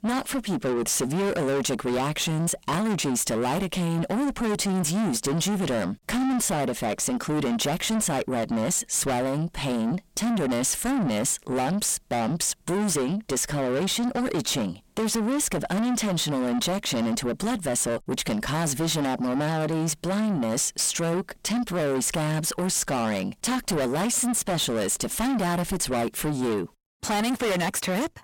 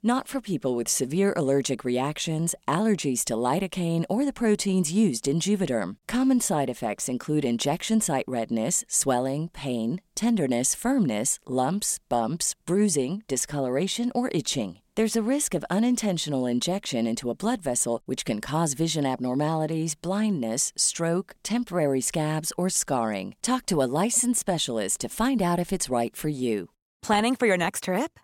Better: second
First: distortion; heavy; 6 dB below the speech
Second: none

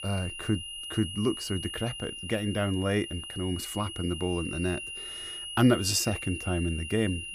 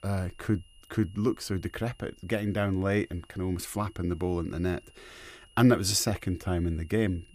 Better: second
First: high-pitched whine; loud; throughout; 3 kHz, 7 dB below the speech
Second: high-pitched whine; faint; throughout; 3 kHz, 30 dB below the speech

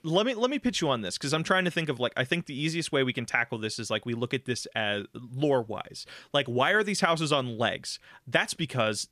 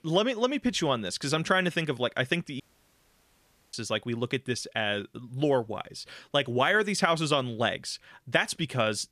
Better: first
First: none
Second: audio cutting out; at 2.5 s for 1 s

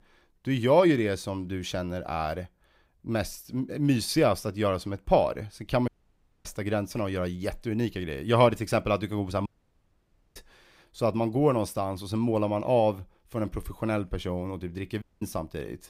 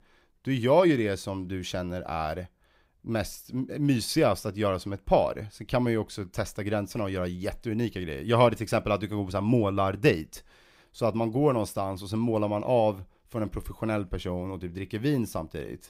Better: second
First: audio cutting out; at 6 s for 0.5 s, at 9.5 s for 1 s and at 15 s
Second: none

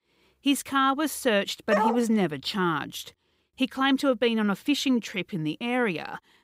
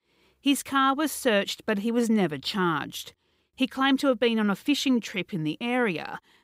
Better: second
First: dog barking; loud; at 1.5 s; peak 1 dB above the speech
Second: none

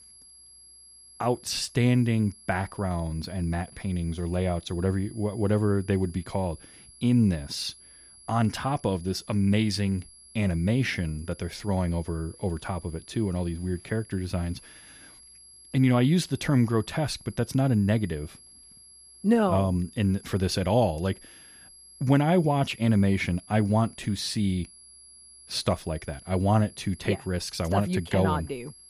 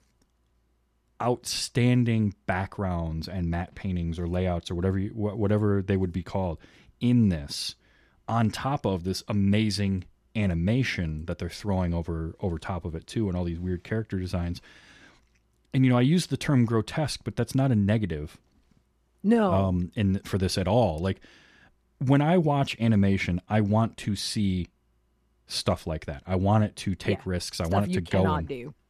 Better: second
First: high-pitched whine; faint; throughout; 11 kHz, 20 dB below the speech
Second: none

